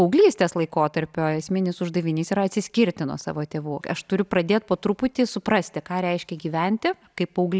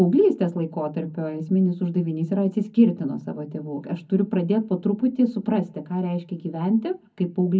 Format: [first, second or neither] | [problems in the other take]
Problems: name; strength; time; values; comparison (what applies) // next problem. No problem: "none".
first | room echo; dies away in 0.4 s